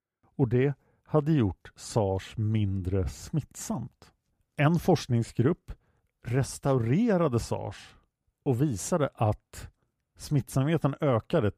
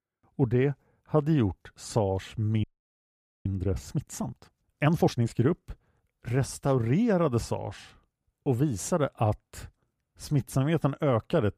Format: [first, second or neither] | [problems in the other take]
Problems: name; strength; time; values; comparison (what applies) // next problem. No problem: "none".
first | audio freezing; at 2.5 s for 1 s